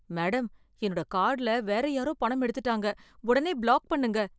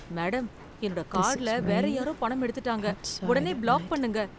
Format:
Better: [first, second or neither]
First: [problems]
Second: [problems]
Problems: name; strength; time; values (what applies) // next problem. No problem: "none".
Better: first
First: none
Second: background sound (Rain); 6 dB below the speech